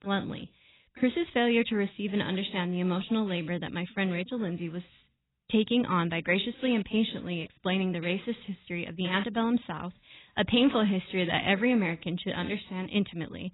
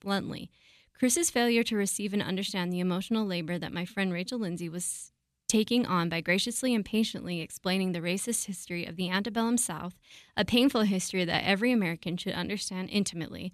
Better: second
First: garbled, watery; badly; nothing above 4 kHz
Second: none

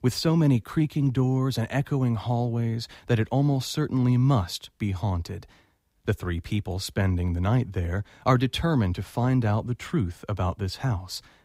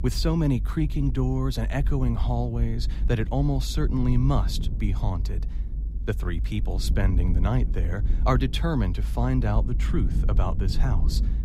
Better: first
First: none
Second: low rumble; noticeable; throughout; 15 dB below the speech

